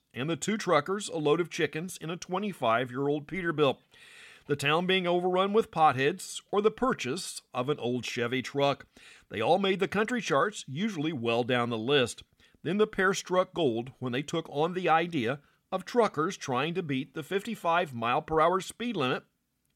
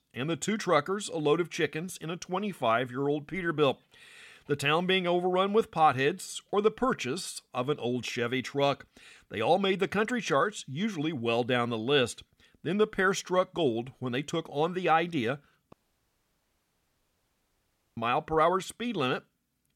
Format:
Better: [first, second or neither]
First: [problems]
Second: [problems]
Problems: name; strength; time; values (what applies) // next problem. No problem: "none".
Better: first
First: none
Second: audio cutting out; at 16 s for 2 s